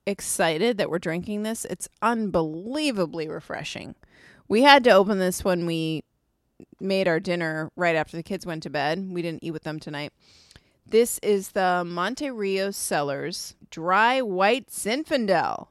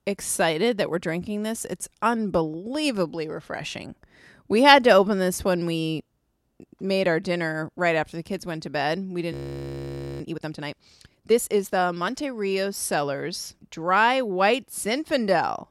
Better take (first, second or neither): first